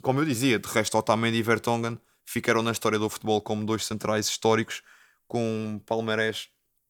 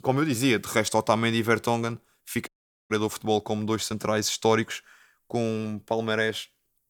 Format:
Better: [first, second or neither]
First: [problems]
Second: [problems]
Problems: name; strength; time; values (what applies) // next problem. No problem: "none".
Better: first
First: none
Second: audio cutting out; at 2.5 s